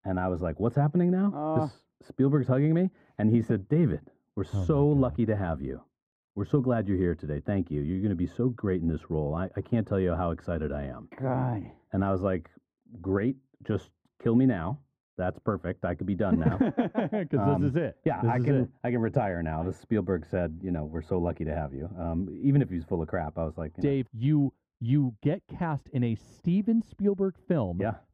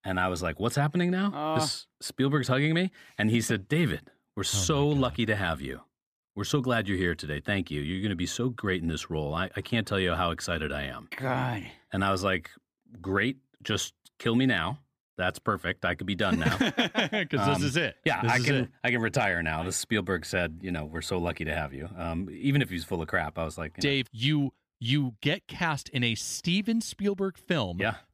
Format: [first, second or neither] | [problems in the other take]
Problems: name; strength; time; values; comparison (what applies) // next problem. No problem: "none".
second | muffled; very; fading above 2 kHz